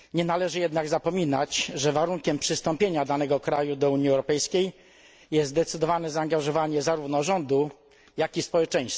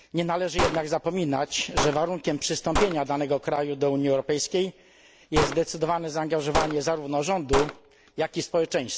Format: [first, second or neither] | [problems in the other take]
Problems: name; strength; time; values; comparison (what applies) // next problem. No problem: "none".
first | background sound (Gunshot, gunfire); 5 dB below the speech